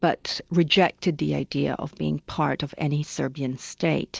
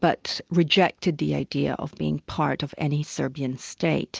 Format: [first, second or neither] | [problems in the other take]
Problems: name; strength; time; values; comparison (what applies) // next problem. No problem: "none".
second | noise reduction (neural mask model DeepFilterNet 3)